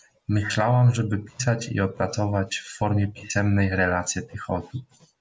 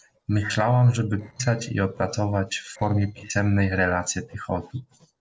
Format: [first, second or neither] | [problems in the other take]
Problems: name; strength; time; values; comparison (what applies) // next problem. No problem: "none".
first | noise reduction (neural separator model SepFormer DNS4)